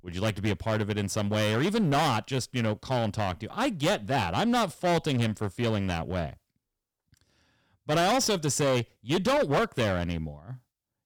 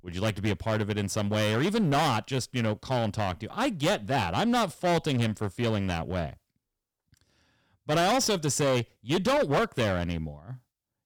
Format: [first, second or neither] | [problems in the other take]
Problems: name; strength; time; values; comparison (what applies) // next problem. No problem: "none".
neither | distortion; heavy; 14% of the sound clipped; the same in both